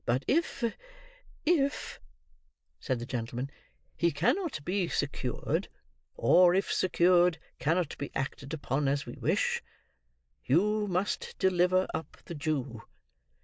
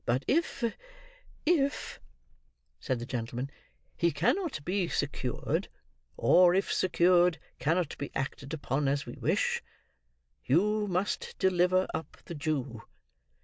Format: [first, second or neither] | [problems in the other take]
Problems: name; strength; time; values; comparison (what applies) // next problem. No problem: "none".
second | noise reduction (neural mask model Resemble Enhance denoiser)